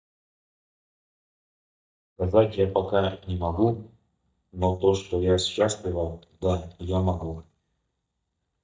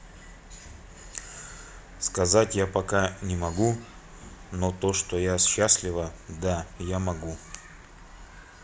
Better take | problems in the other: second | noise reduction (neural mask model DeepFilterNet 3)

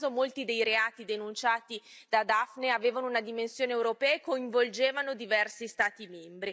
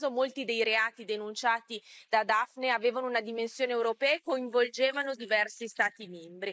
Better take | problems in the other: first | noise reduction (neural mask model Resemble Enhance denoiser)

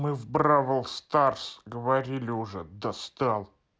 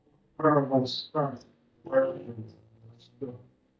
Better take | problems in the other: first | noise reduction (neural mask model DeepFilterNet 3)

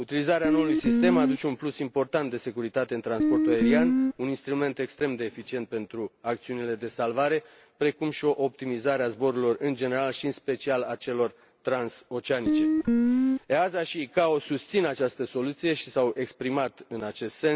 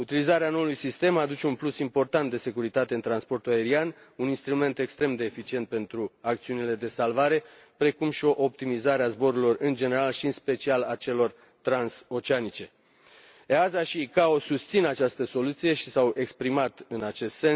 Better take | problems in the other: second | background sound (Guitar); 5 dB above the speech

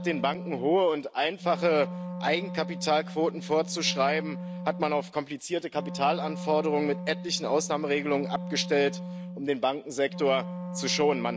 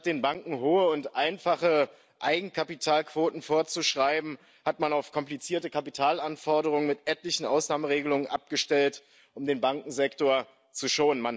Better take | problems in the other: second | background sound (Wind instrument, woodwind instrument); 9 dB below the speech

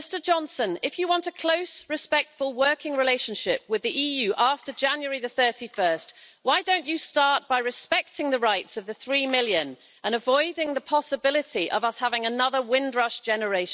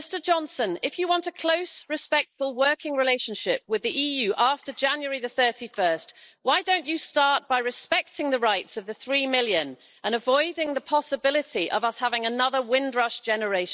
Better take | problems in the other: first | noise reduction (neural mask model Resemble Enhance denoiser)

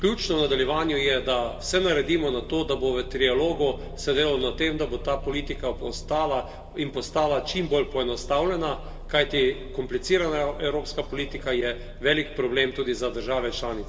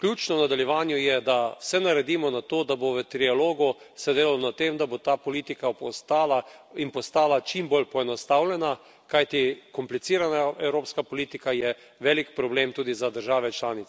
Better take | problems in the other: second | background sound (Aircraft); 12 dB below the speech // room echo; dies away in 1.6 s

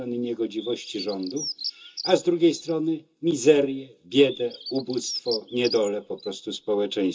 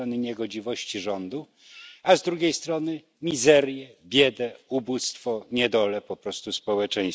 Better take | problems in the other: second | background sound (Bird); 14 dB below the speech // room echo; dies away in 0.2 s

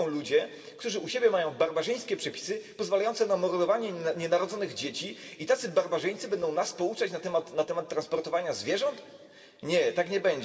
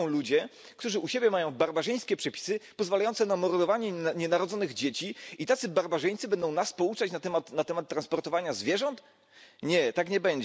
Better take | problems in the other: second | room echo; dies away in 1.7 s

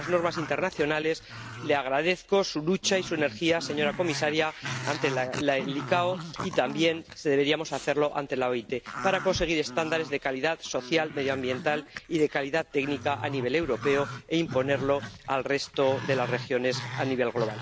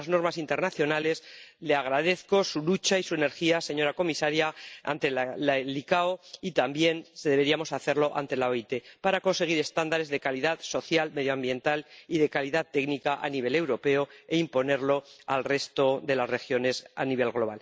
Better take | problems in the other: second | background sound (Growling); 11 dB below the speech

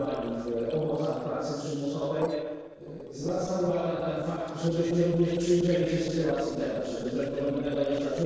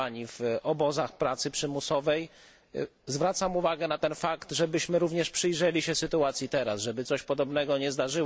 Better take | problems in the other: second | noise reduction (neural separator model SepFormer DNS4)

